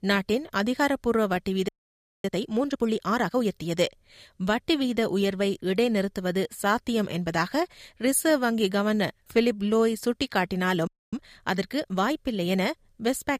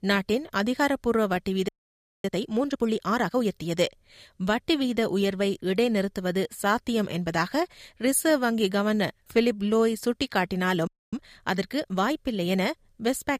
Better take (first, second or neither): neither